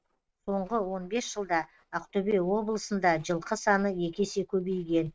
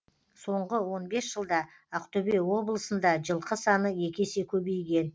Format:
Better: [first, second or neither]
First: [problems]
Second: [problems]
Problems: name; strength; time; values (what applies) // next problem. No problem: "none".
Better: second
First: noise reduction (neural mask model RNNoise)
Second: none